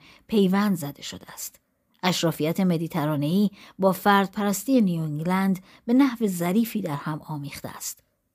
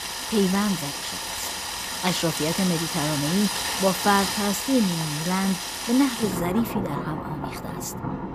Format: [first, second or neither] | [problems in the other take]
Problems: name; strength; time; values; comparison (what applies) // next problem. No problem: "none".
first | rain or running water; loud; throughout; 3 dB below the speech